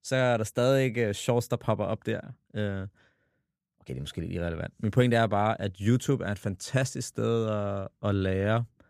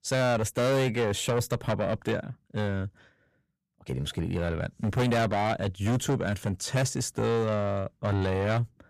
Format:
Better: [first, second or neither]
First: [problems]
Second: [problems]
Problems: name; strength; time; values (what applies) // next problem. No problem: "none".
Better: first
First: none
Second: distortion; heavy; 6 dB below the speech